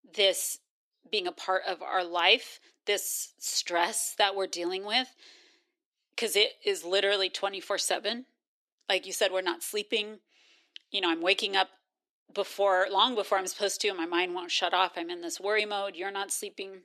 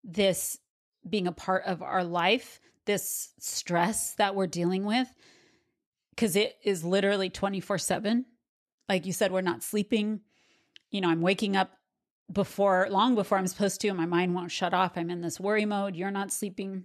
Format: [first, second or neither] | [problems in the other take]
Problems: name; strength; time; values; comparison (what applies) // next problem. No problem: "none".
second | thin; very; fading below 300 Hz